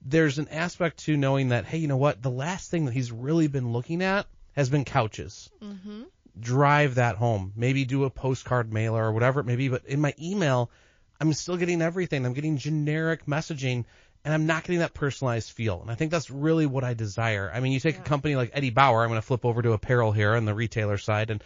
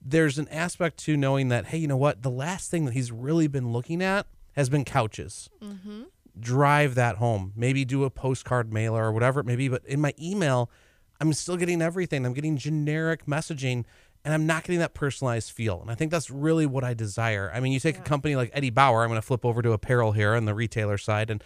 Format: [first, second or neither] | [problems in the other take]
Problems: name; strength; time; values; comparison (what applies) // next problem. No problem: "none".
second | garbled, watery; slightly